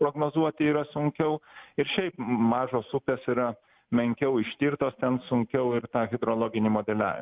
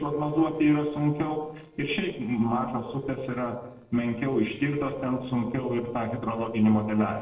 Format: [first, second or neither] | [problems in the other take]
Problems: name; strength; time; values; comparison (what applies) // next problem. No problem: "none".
first | noise reduction (neural separator model SepFormer DNS4)